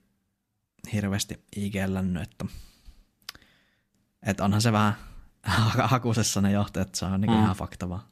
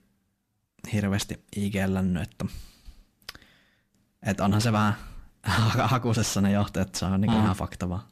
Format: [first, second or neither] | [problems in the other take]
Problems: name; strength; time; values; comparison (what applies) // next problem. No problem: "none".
first | distortion; slight; 10 dB below the speech